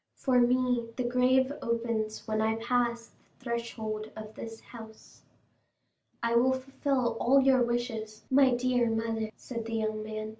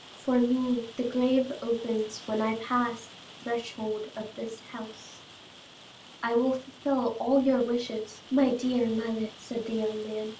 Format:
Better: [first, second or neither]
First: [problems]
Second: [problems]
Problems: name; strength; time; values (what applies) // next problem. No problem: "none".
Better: first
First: none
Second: background sound (Rain); 19 dB below the speech